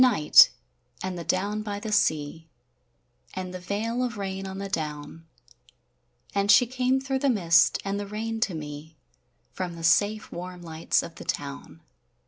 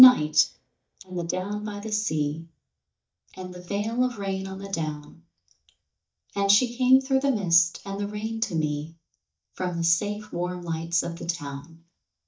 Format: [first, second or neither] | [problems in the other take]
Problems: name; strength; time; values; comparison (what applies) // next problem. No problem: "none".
first | noise reduction (neural mask model DeepFilterNet 3)